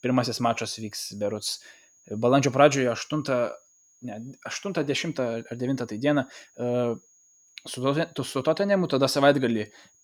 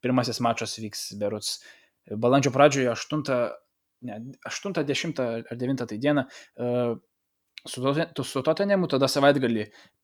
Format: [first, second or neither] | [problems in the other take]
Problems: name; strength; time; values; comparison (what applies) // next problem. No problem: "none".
second | high-pitched whine; faint; throughout; 6.5 kHz, 30 dB below the speech